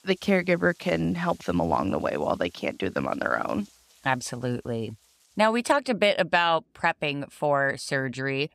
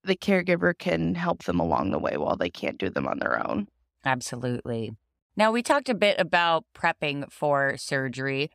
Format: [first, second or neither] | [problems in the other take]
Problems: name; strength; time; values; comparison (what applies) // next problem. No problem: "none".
second | rain or running water; faint; throughout; 30 dB below the speech